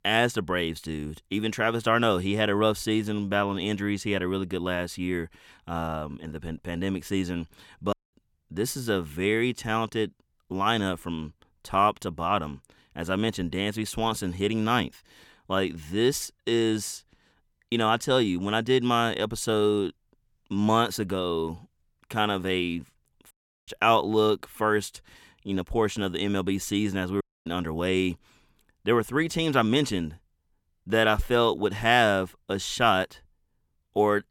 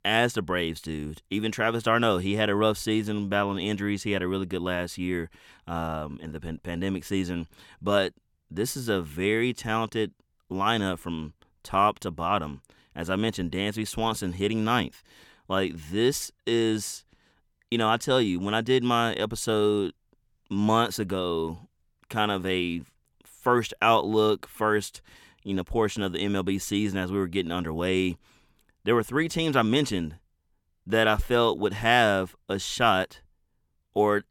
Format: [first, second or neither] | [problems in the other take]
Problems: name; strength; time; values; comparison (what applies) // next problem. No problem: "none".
second | audio cutting out; at 8 s, at 23 s and at 27 s